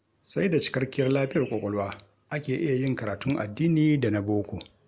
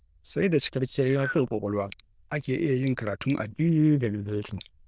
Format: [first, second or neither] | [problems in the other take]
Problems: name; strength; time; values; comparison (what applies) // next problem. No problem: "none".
first | noise reduction (neural diffusion model UNIVERSE++)